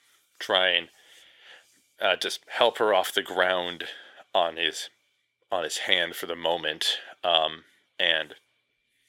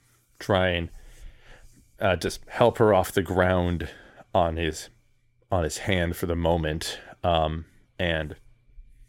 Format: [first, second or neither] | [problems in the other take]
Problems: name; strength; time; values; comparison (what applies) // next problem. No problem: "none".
second | thin; very; fading below 500 Hz